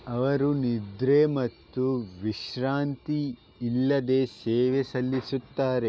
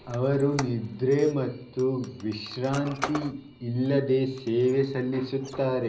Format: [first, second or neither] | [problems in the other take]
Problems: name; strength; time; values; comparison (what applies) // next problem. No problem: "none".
first | background sound (Squeak); 15 dB below the speech // room echo; dies away in 0.5 s